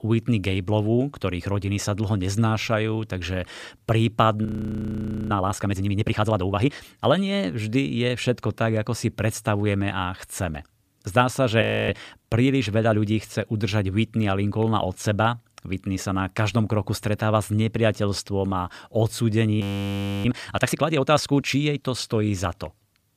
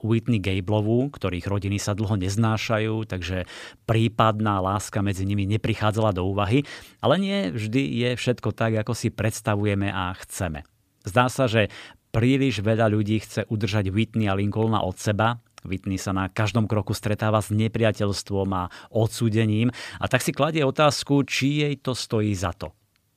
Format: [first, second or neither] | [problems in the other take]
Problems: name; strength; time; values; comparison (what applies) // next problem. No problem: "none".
second | audio freezing; at 4.5 s for 1 s, at 12 s and at 20 s for 0.5 s